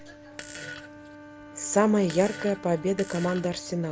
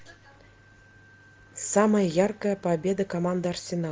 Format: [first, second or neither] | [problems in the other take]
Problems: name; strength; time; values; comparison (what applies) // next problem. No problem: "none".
second | background sound (Wind instrument, woodwind instrument + Fart); 15 dB below the speech